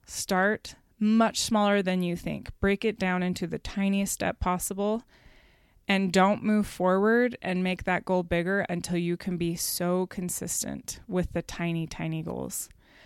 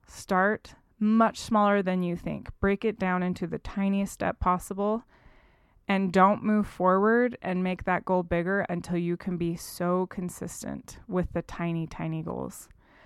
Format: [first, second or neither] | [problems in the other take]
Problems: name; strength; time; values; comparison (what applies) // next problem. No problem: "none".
first | muffled; slightly; fading above 2.5 kHz